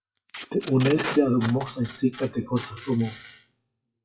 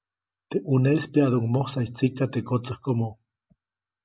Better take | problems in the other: second | noise reduction (classical method WPE with log-MMSE)

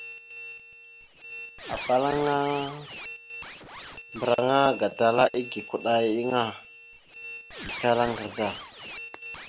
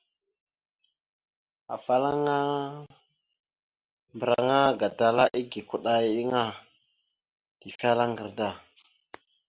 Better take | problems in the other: second | background sound (Squeak); 13 dB below the speech

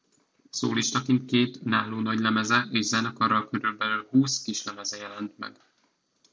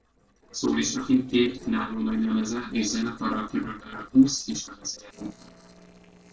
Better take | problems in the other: first | noise reduction (neural separator model SepFormer DNS4)

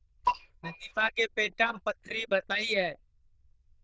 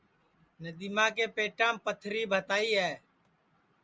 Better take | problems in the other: second | noise reduction (neural diffusion model UNIVERSE++)

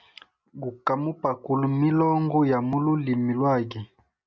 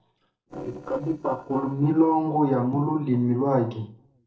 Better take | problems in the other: first | noise reduction (neural separator model SepFormer DNS4)

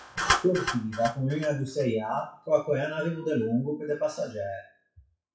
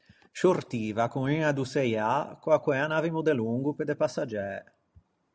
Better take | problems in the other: second | noise reduction (classical method WPE with log-MMSE)

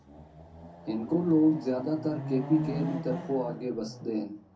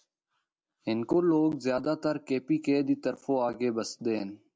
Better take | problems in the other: second | background sound (Chatter / Car passing by / Motorcycle / Traffic noise, roadway noise / Accelerating, revving, vroom); 10 dB below the speech // room echo; dies away in 0.3 s

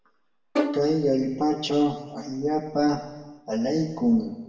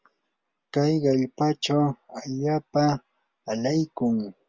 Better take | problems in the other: second | background sound (Bowed string instrument); 7 dB below the speech // room echo; dies away in 1.1 s

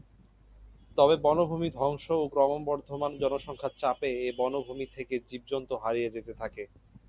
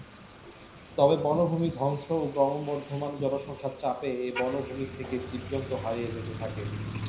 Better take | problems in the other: first | background sound (Motor vehicle (road)); 11 dB below the speech // room echo; dies away in 0.5 s

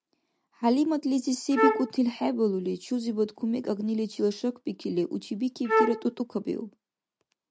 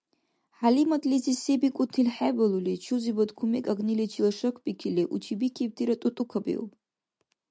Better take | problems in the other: second | background sound (Wind instrument, woodwind instrument); 2 dB above the speech

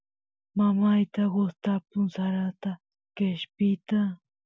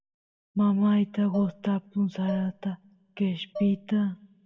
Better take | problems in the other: first | background sound (Dishes, pots, and pans); 15 dB below the speech // room echo; dies away in 0.9 s

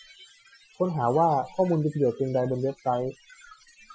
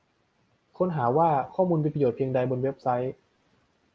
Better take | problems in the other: second | noise reduction (classical method Wiener filter)

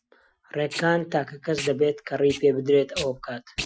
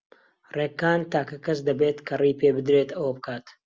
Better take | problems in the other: second | noise reduction (classical method Wiener filter)

